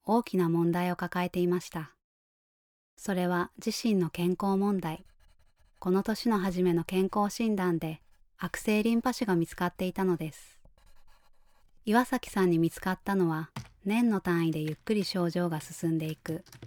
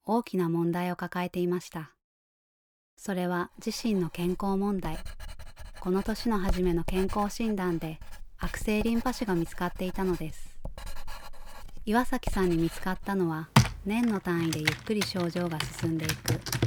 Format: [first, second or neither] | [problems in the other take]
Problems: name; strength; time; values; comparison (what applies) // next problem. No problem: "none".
first | household noises; loud; from 3.5 s on; 4 dB below the speech; faint in the first